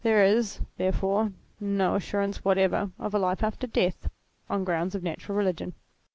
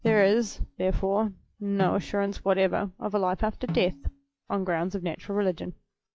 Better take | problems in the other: first | noise reduction (classical method log-MMSE)

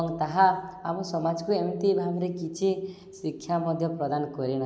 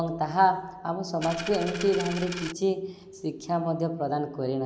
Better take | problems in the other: first | background sound (Coin (dropping)); 10 dB below the speech

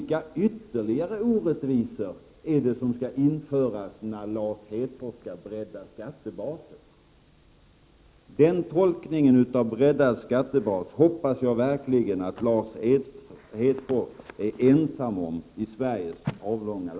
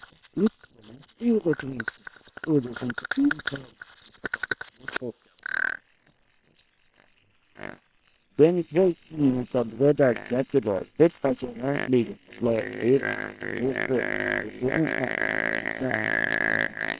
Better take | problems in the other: first | noise reduction (neural separator model SepFormer WHAM!)

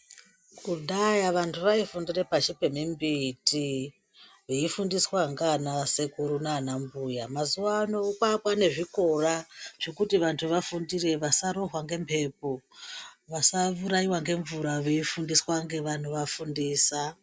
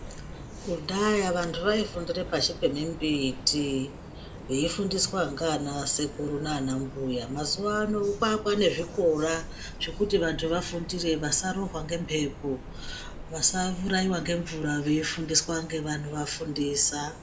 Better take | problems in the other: first | background sound (Train); 12 dB below the speech // room echo; dies away in 0.3 s

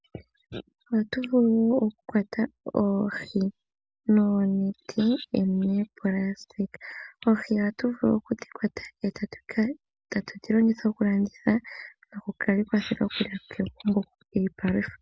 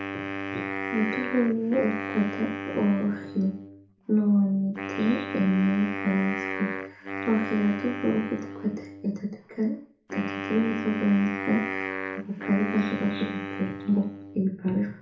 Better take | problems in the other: first | background sound (Wind instrument, woodwind instrument); 7 dB below the speech // room echo; dies away in 0.5 s

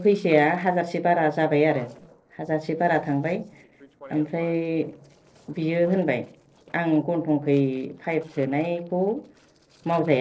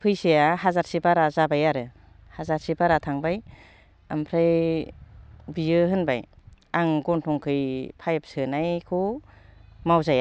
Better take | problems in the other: second | noise reduction (neural separator model SepFormer DNS4)

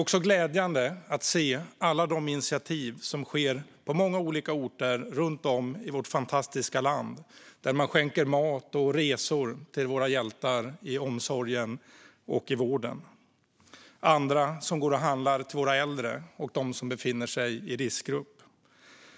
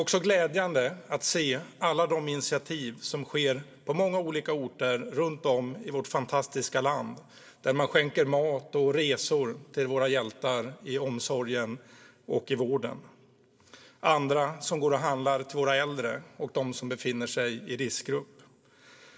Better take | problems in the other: first | room echo; dies away in 0.3 s

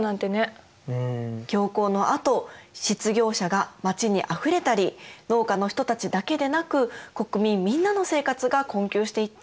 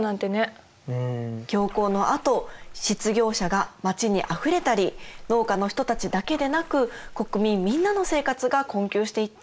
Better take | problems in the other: first | background sound (Splash, splatter); 14 dB below the speech

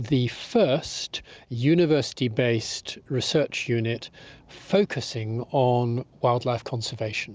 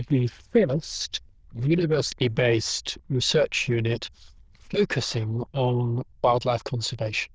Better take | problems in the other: first | noise reduction (neural diffusion model UNIVERSE++)

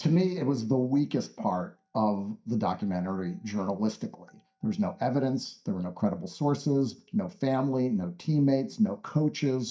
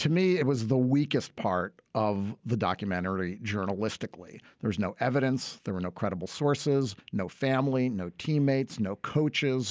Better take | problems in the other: second | noise reduction (neural mask model DeepFilterNet 3)

